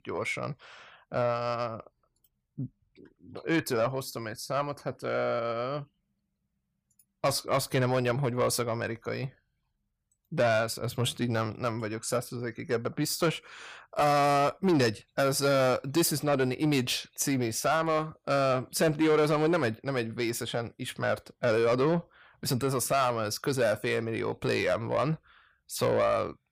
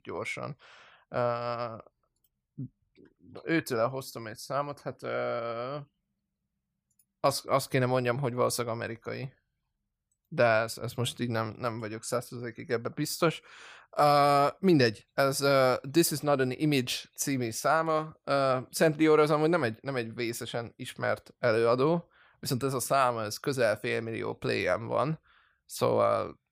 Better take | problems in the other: second | distortion; slight; 10 dB below the speech

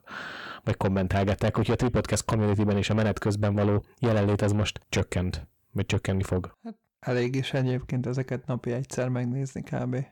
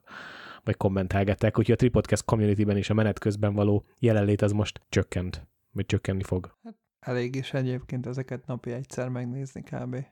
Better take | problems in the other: second | distortion; heavy; 7 dB below the speech

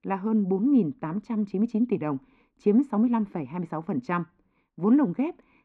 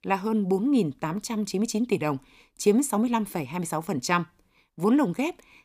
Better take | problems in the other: second | muffled; very; fading above 1.5 kHz

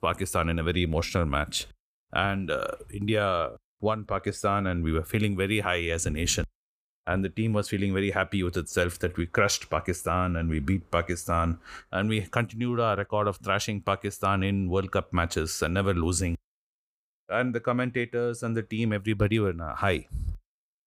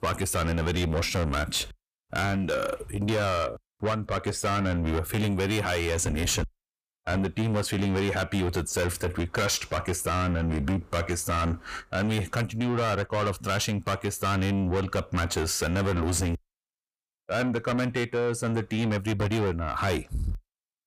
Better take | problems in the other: first | distortion; heavy; 6 dB below the speech

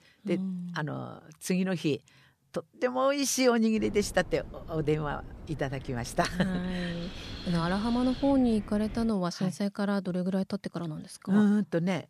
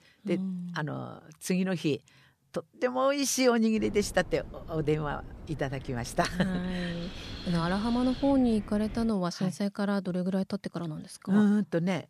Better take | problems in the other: neither | wind noise on the microphone; occasional gusts; from 4 to 9 s; 15 dB below the speech; the same in both

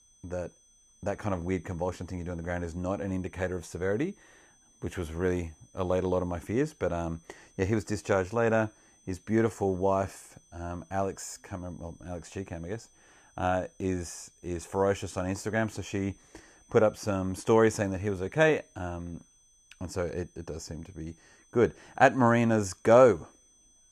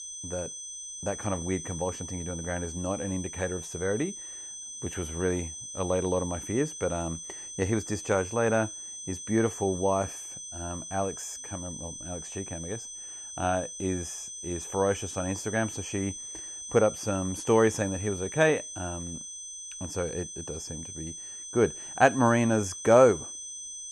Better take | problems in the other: first | high-pitched whine; loud; throughout; 6 kHz, 9 dB below the speech; faint in the first

